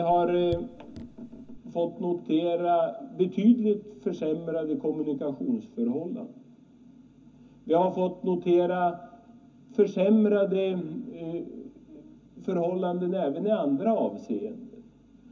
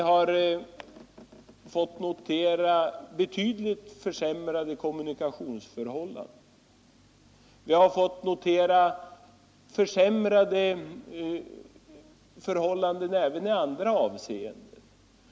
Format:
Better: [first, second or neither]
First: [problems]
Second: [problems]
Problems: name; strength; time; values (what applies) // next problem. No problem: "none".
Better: second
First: background sound (Raindrop / Drip); 16 dB below the speech // room echo; dies away in 0.3 s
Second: none